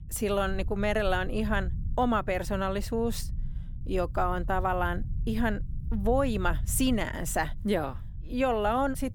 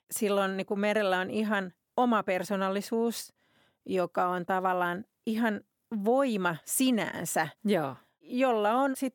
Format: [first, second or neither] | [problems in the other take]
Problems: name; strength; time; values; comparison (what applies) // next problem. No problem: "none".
second | low rumble; faint; throughout; 25 dB below the speech